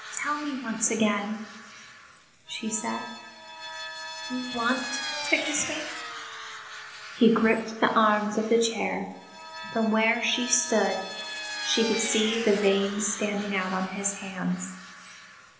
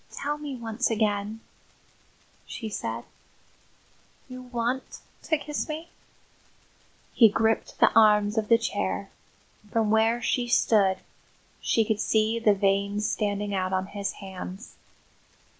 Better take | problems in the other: second | background sound (Vehicle); 10 dB below the speech // room echo; dies away in 1 s

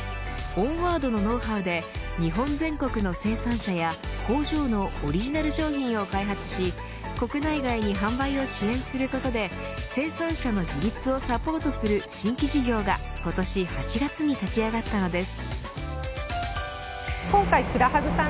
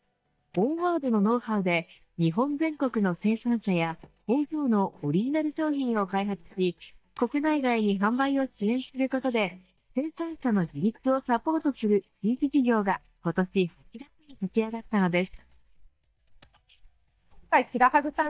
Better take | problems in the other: first | noise reduction (neural mask model DeepFilterNet 3)

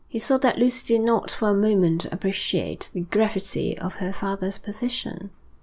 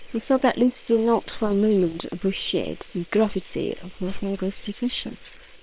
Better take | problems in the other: first | noise reduction (neural separator model SepFormer WHAM!)

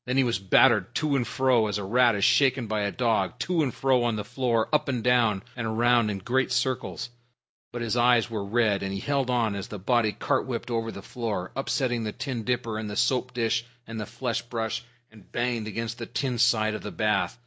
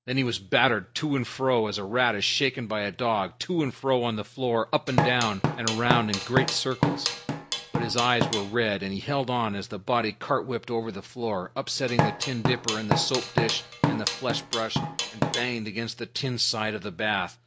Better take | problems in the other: first | background sound (Drum kit); as loud as the speech

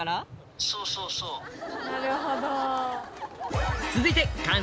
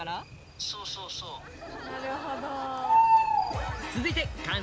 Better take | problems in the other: first | background sound (Bird); 5 dB above the speech

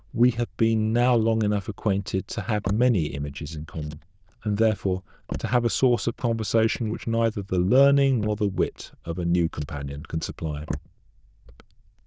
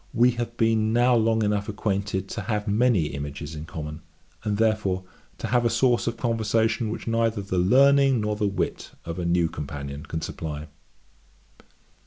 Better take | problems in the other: second | noise reduction (neural diffusion model UNIVERSE++)

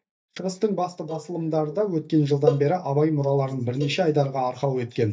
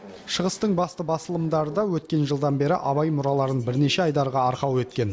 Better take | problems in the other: second | noise reduction (neural mask model DeepFilterNet 3)

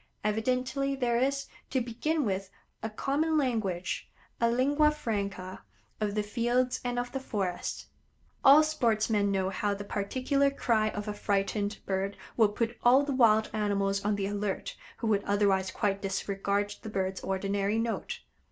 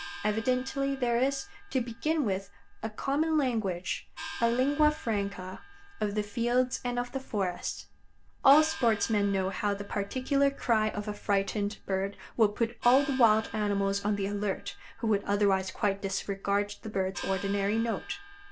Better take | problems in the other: first | background sound (Gong); 16 dB below the speech

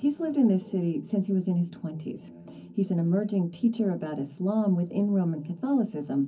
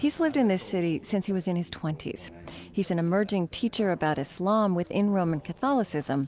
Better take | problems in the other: second | room echo; dies away in 0.4 s

